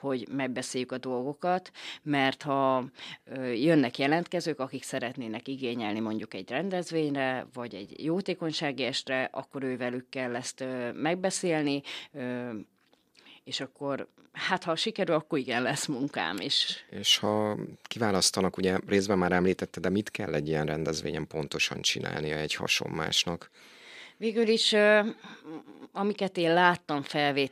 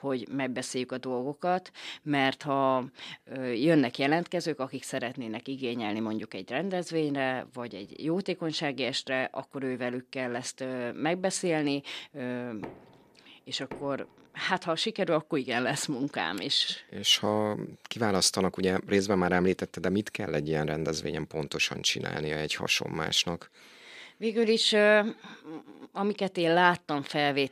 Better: first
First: none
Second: door banging; faint; from 13 to 14 s; peak 15 dB below the speech

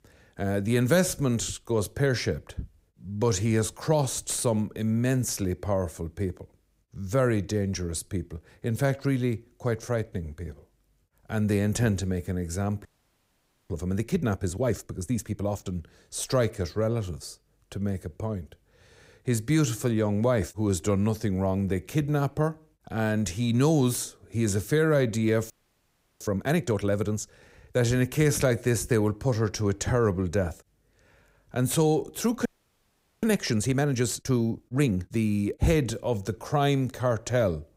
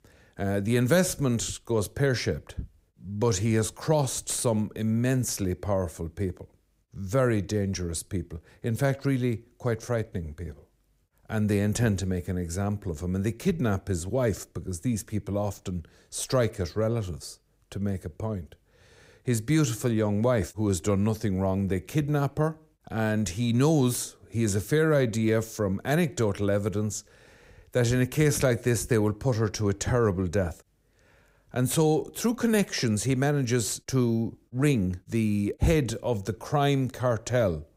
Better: second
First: audio freezing; at 13 s for 1 s, at 26 s for 0.5 s and at 32 s for 1 s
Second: none

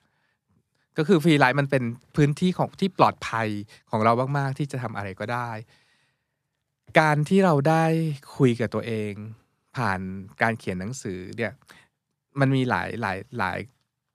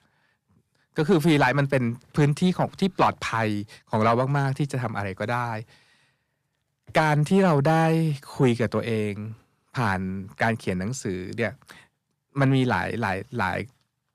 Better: first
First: none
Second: distortion; slight; 10 dB below the speech

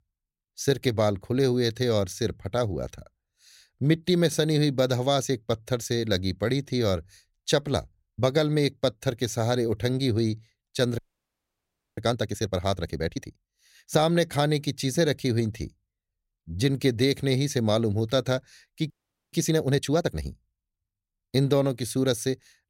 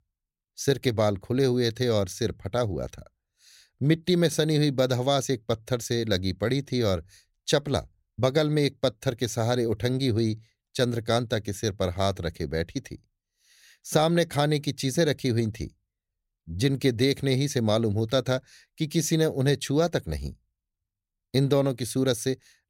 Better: second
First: audio freezing; at 11 s for 1 s and at 19 s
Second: none

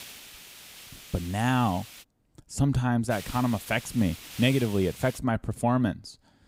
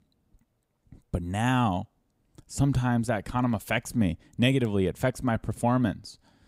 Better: second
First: hiss; noticeable; until 2 s and from 3 to 5 s; 15 dB below the speech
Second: none

